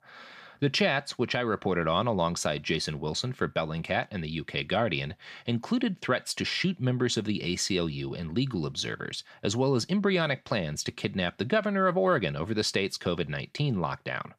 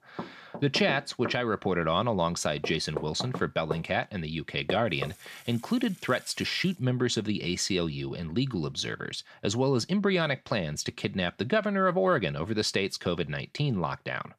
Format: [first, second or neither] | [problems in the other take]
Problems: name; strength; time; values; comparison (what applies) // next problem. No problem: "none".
first | household noises; noticeable; until 7.5 s; 10 dB below the speech